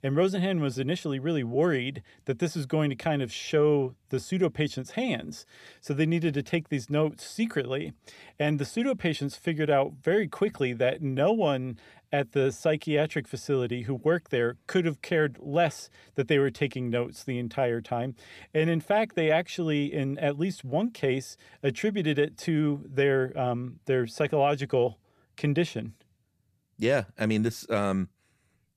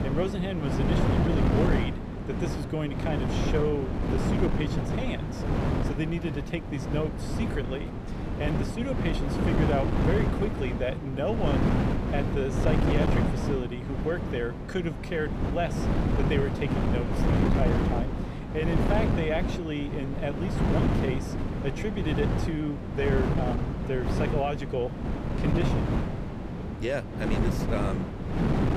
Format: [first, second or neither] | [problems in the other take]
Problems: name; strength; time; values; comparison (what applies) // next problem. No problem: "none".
first | wind noise on the microphone; heavy; as loud as the speech